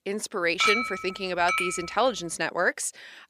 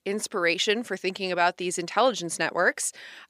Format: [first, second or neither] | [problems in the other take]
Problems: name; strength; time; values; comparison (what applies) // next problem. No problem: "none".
second | clattering dishes; loud; from 0.5 to 2 s; peak 4 dB above the speech